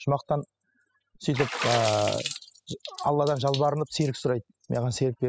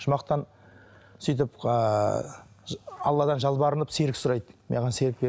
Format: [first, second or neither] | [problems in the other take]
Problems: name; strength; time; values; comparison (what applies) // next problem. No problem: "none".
second | noise reduction (classical method spectral subtraction)